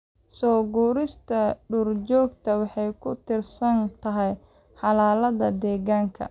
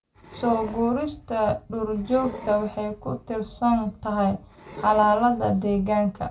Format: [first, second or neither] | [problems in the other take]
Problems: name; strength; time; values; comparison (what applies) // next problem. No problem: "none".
first | background sound (Wood); 17 dB below the speech // room echo; dies away in 0.2 s